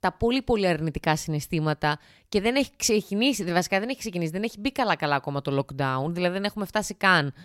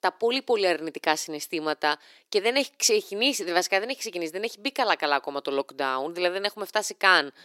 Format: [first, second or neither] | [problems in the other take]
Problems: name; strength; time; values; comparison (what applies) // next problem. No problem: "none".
first | thin; somewhat; fading below 350 Hz